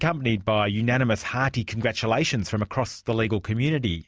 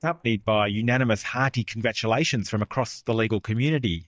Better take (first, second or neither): first